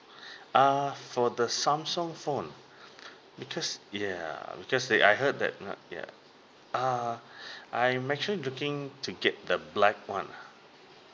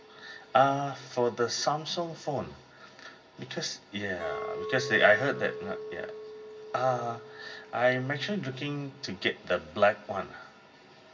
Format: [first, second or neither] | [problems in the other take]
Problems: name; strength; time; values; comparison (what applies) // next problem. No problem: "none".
first | background sound (Chink, clink); 14 dB below the speech // room echo; dies away in 0.4 s